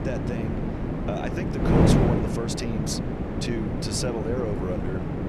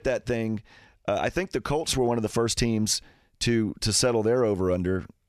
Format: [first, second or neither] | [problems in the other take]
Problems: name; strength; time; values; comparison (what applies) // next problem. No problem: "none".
second | wind noise on the microphone; heavy; 2 dB above the speech